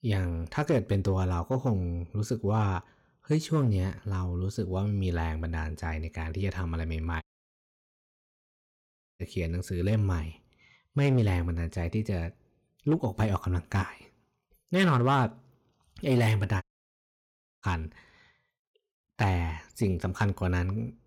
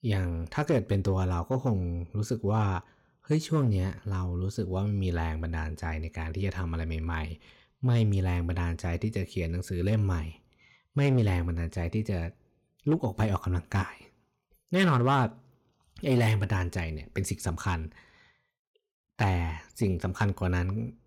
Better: second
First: audio cutting out; at 7 s for 2 s and at 17 s for 1 s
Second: none

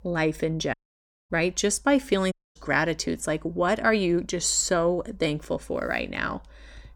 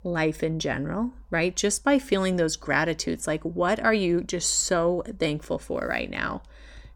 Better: second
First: audio cutting out; at 0.5 s for 0.5 s and at 2.5 s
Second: none

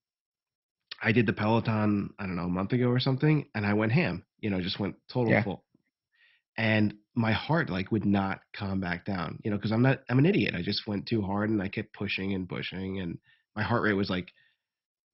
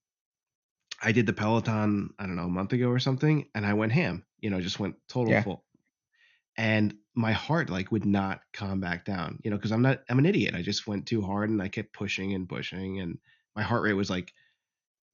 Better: second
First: garbled, watery; badly; nothing above 5.5 kHz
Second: garbled, watery; slightly; nothing above 6.5 kHz

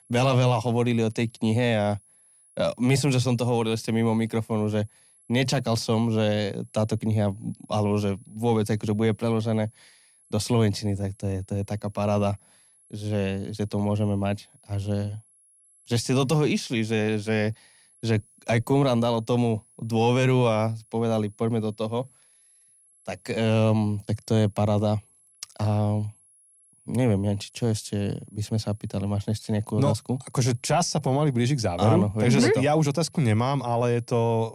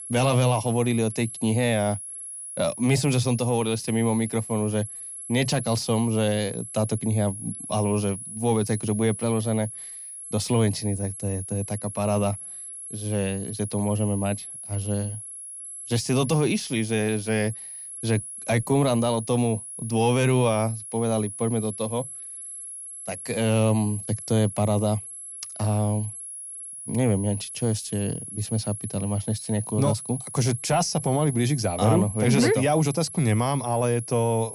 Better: first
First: high-pitched whine; faint; throughout; 11 kHz, 30 dB below the speech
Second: high-pitched whine; loud; throughout; 11 kHz, 10 dB below the speech

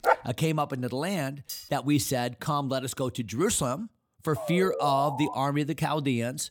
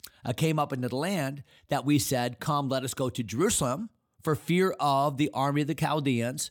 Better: second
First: dog barking; loud; at the start; peak 2 dB above the speech // clattering dishes; faint; at 1.5 s; peak 10 dB below the speech // siren; noticeable; at 4.5 s; peak 5 dB below the speech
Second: none

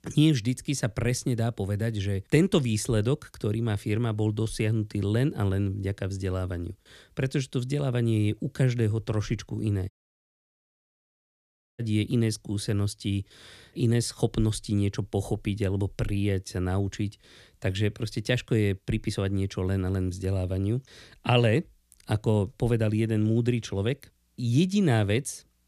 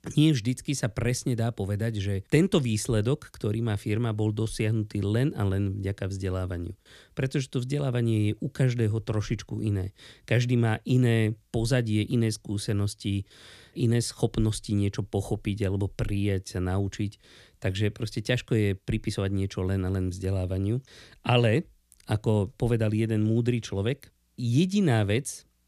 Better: second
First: audio cutting out; at 10 s for 2 s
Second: none

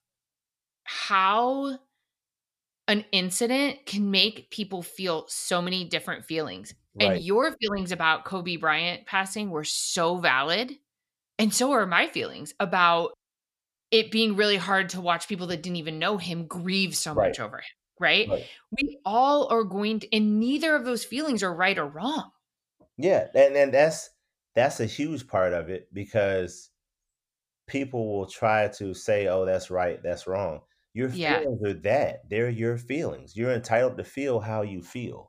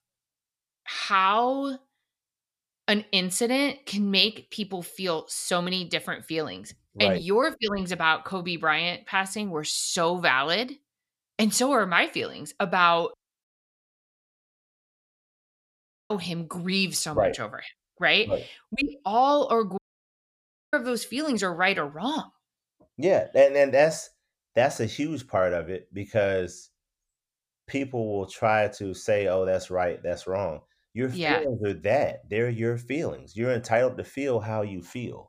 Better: first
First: none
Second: audio cutting out; at 13 s for 2.5 s and at 20 s for 1 s

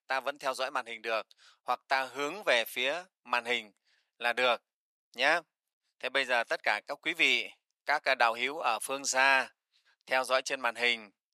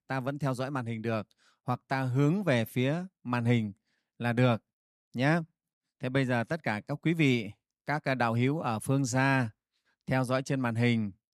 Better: second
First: thin; very; fading below 600 Hz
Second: none

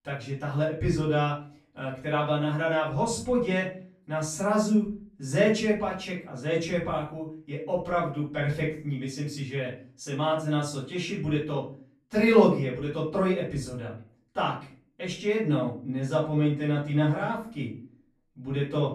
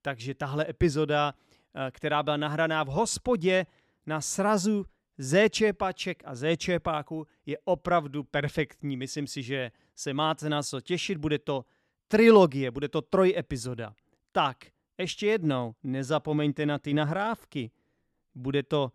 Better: second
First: off-mic speech; far // room echo; noticeable; dies away in 0.4 s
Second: none

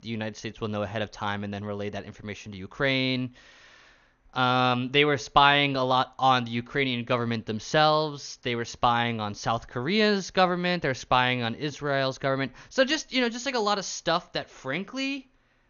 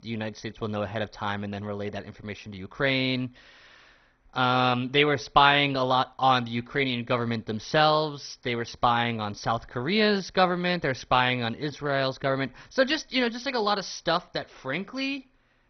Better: first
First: garbled, watery; slightly; nothing above 6.5 kHz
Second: garbled, watery; badly; nothing above 6 kHz

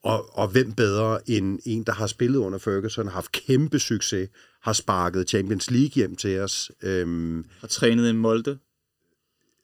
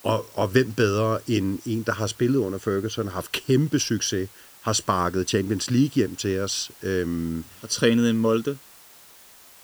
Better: first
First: none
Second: hiss; faint; throughout; 20 dB below the speech

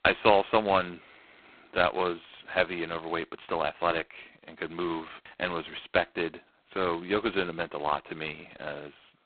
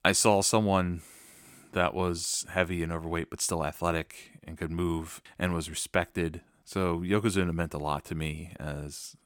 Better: second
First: phone-call audio; poor line; nothing above 4 kHz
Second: none

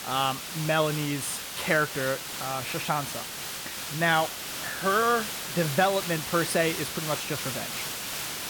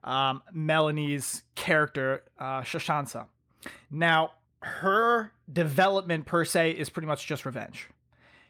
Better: second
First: hiss; loud; throughout; 5 dB below the speech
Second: none

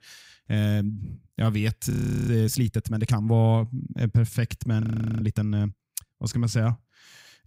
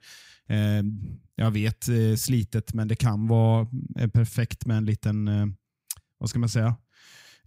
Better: second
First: audio freezing; at 2 s and at 5 s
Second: none

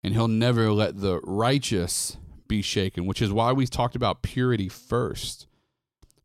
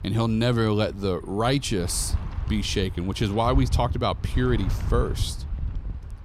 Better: first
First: none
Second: wind noise on the microphone; occasional gusts; 20 dB below the speech

